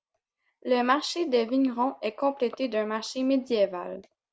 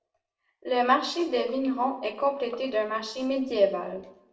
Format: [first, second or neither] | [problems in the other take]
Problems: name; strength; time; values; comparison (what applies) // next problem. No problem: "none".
first | room echo; dies away in 0.6 s